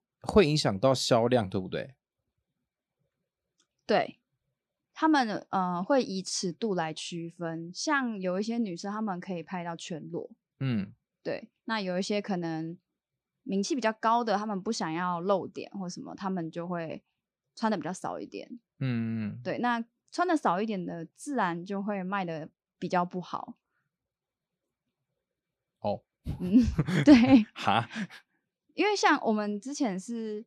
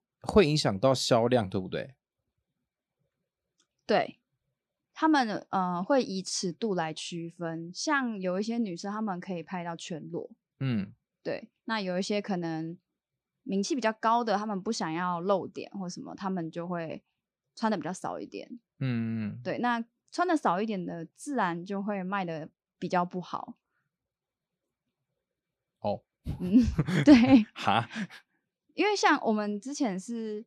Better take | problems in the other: neither | none

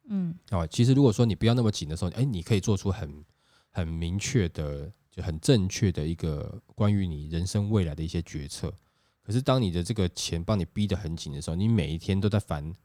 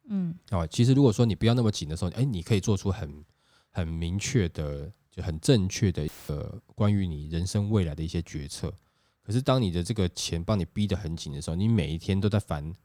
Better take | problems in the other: first | audio cutting out; filled with static; at 6 s

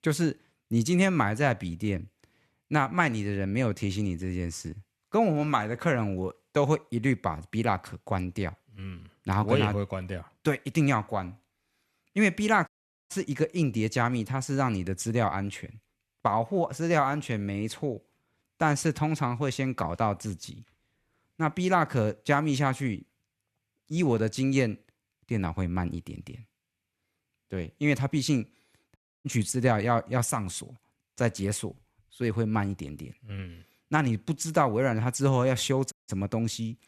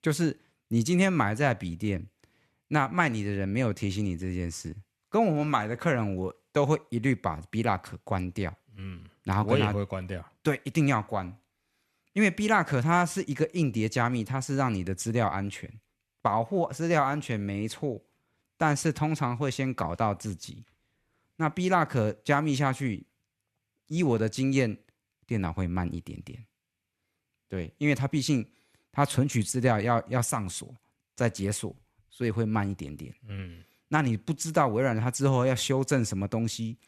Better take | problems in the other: second | audio cutting out; at 13 s, at 29 s and at 36 s

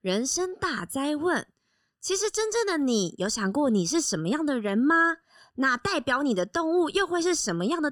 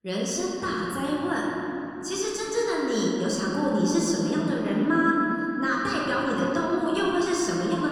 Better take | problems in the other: first | room echo; noticeable; dies away in 3 s // off-mic speech; far

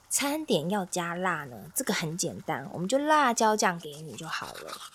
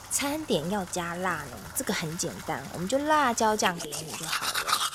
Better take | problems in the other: first | household noises; loud; throughout; 6 dB below the speech; faint in the first

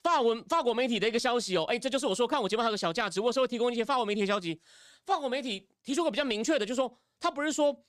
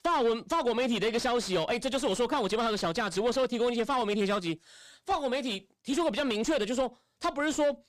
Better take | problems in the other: first | distortion; slight; 10 dB below the speech

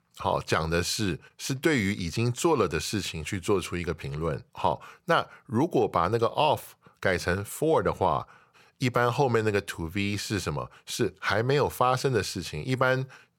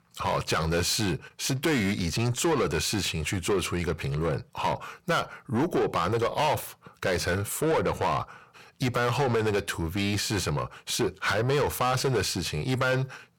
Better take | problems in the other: first | distortion; heavy; 7 dB below the speech

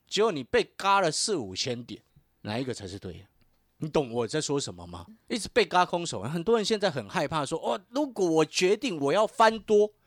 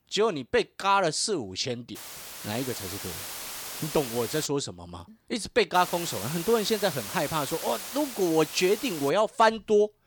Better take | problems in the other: first | hiss; loud; from 2 to 4.5 s and from 5.5 to 9 s; 9 dB below the speech

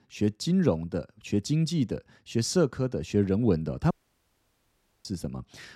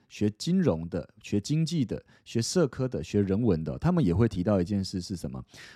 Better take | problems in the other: second | audio cutting out; at 4 s for 1 s

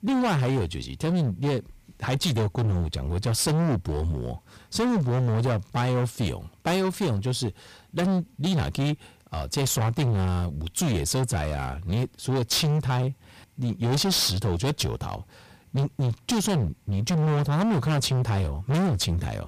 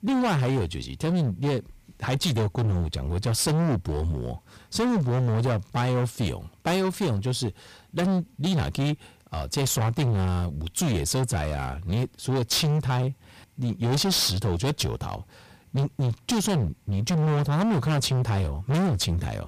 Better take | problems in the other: neither | distortion; heavy; 24% of the sound clipped; the same in both

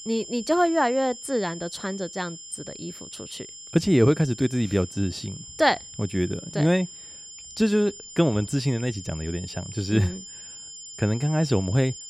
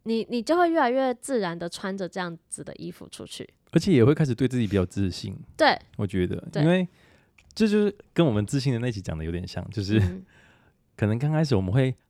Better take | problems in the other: second | high-pitched whine; noticeable; throughout; 7 kHz, 15 dB below the speech

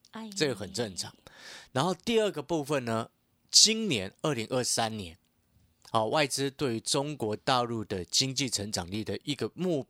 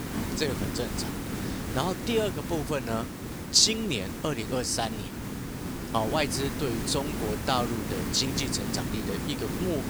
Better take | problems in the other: first | hiss; loud; throughout; 5 dB below the speech

